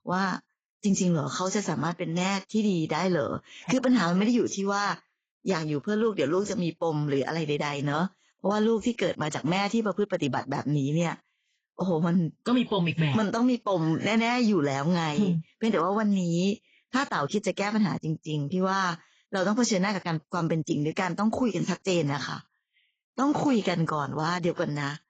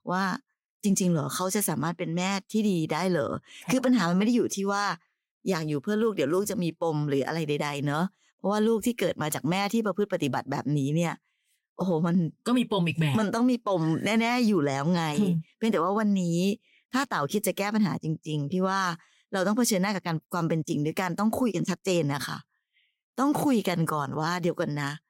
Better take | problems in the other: second | garbled, watery; badly; nothing above 7.5 kHz

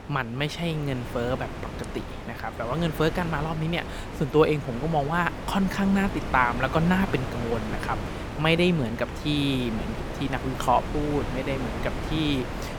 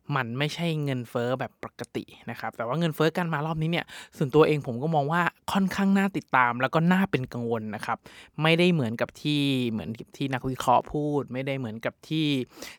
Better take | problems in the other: second | wind noise on the microphone; heavy; 9 dB below the speech

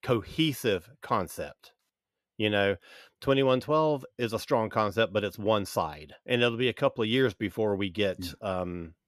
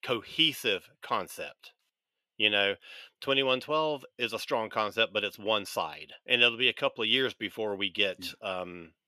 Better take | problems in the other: first | thin; very slightly; fading below 450 Hz

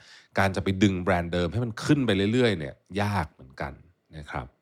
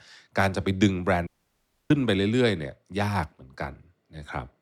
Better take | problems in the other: first | audio cutting out; at 1.5 s for 0.5 s

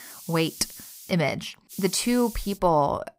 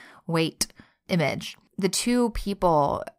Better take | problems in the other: second | hiss; noticeable; until 1 s and at 1.5 s; 15 dB below the speech

